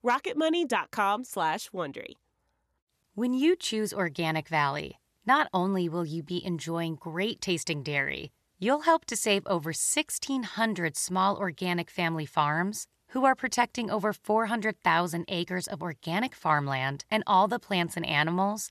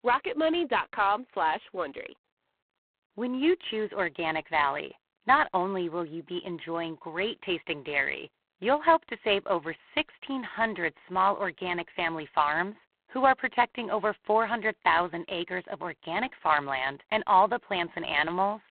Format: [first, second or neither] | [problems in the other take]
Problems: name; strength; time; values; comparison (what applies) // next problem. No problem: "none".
first | phone-call audio; poor line